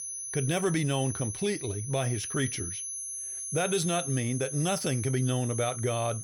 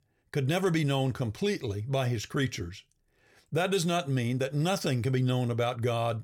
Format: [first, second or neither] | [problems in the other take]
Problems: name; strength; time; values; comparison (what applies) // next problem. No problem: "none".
second | high-pitched whine; loud; throughout; 10.5 kHz, 5 dB below the speech